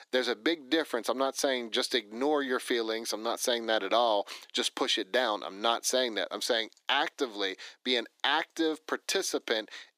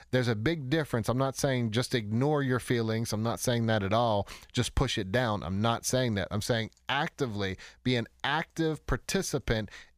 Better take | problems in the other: second | thin; somewhat; fading below 300 Hz

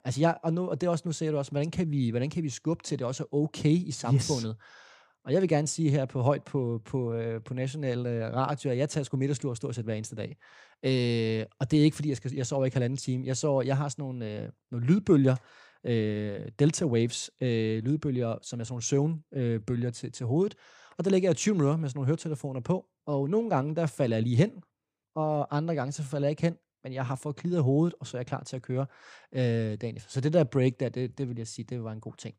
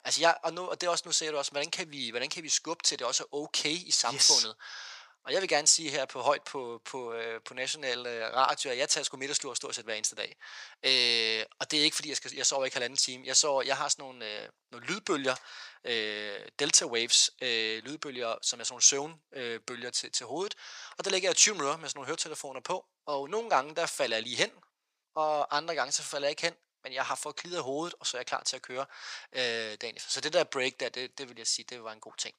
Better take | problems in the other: first | thin; very; fading below 900 Hz

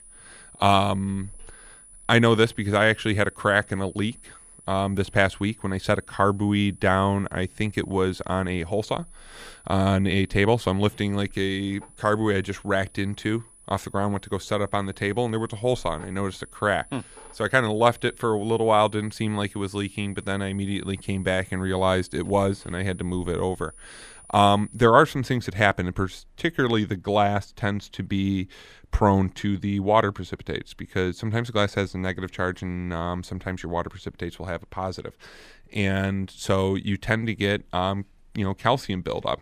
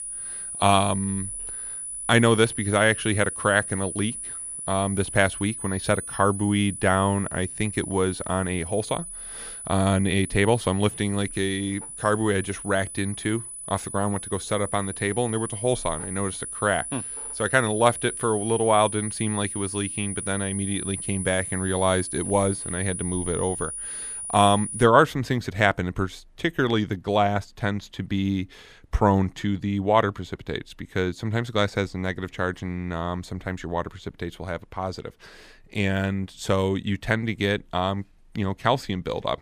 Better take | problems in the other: first | high-pitched whine; loud; until 25 s; 10 kHz, 7 dB below the speech; faint in the first

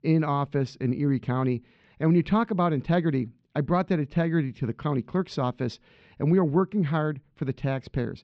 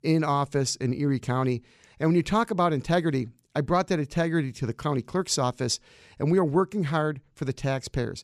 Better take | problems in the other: second | muffled; slightly; fading above 3.5 kHz

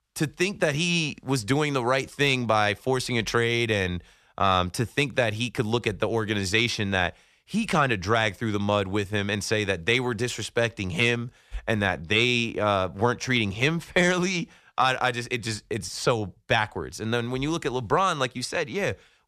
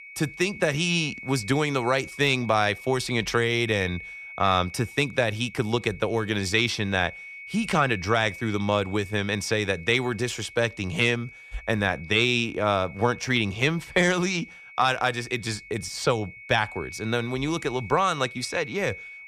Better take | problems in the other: first | high-pitched whine; noticeable; throughout; 2 kHz, 15 dB below the speech

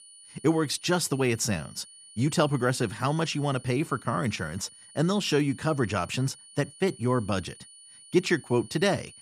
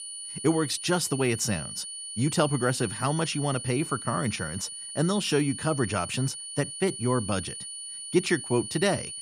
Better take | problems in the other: first | high-pitched whine; loud; throughout; 9.5 kHz, 8 dB below the speech; faint in the first

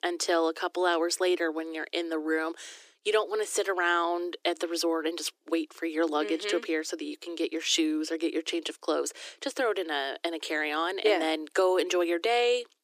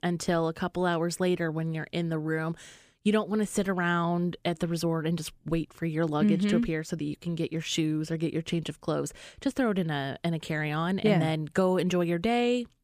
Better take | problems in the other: second | thin; very; fading below 300 Hz

